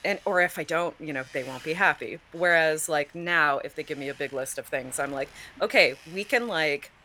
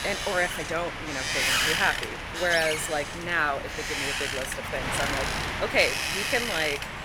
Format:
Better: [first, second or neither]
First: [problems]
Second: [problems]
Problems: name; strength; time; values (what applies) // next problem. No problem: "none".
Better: first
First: wind noise on the microphone; occasional gusts; 25 dB below the speech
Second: wind noise on the microphone; heavy; as loud as the speech